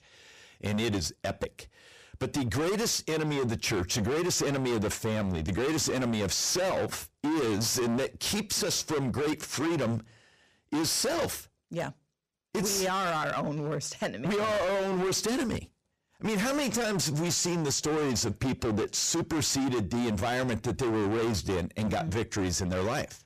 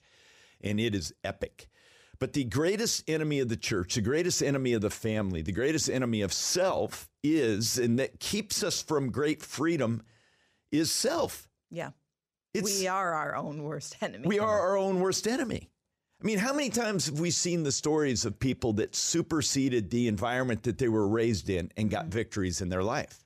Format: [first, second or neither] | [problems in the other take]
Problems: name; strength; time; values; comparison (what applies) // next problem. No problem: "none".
second | distortion; heavy; 30% of the sound clipped